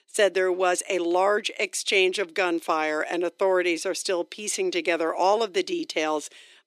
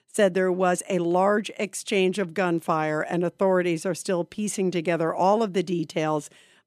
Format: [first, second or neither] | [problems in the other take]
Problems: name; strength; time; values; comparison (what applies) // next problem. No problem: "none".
second | thin; very; fading below 350 Hz